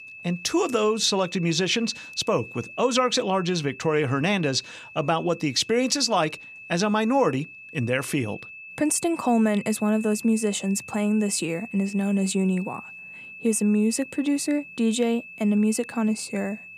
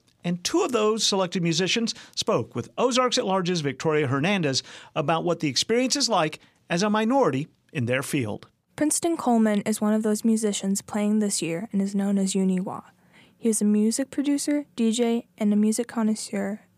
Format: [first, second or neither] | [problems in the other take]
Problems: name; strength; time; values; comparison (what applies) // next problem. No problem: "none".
second | high-pitched whine; noticeable; throughout; 2.5 kHz, 15 dB below the speech